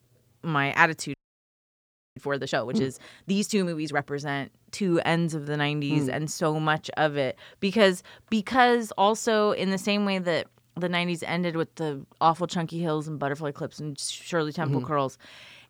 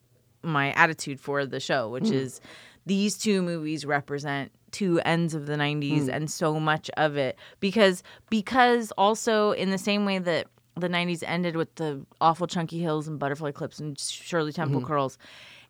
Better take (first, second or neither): second